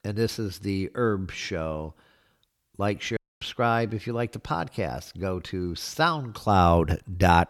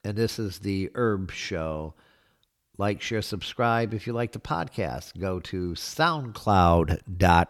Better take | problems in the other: second | audio cutting out; at 3 s

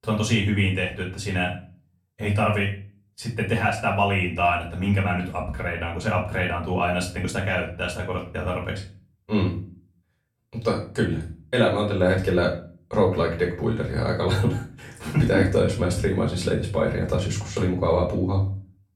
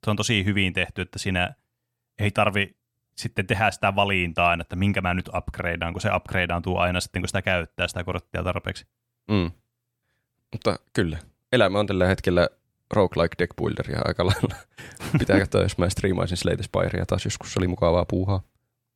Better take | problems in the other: second | off-mic speech; far // room echo; slight; dies away in 0.4 s

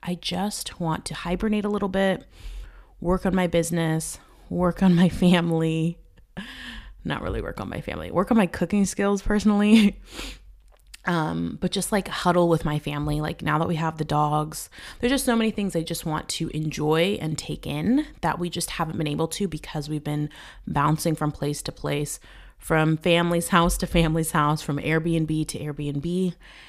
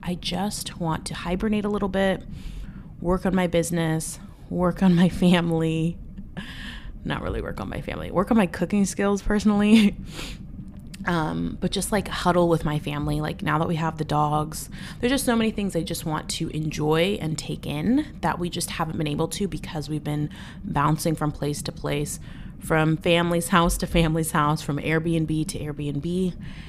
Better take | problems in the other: first | low rumble; faint; throughout; 25 dB below the speech

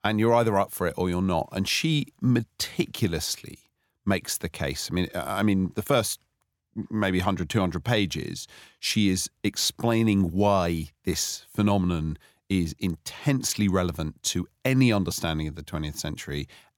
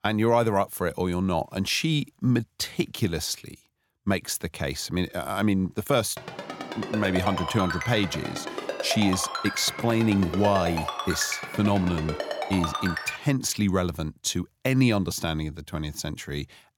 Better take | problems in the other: first | phone ringing; noticeable; from 6 to 13 s; peak 3 dB below the speech

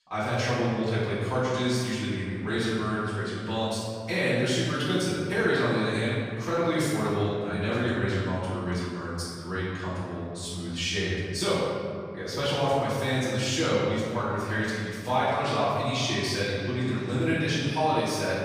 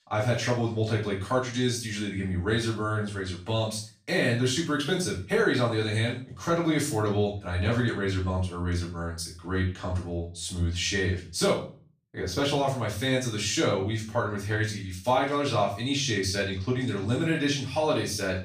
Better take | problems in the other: second | room echo; strong; dies away in 1.9 s; slight in the second // off-mic speech; far; far in the second

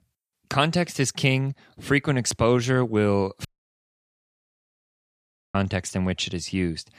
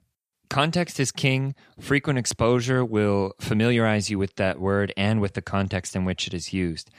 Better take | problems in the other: second | audio cutting out; at 3.5 s for 2 s

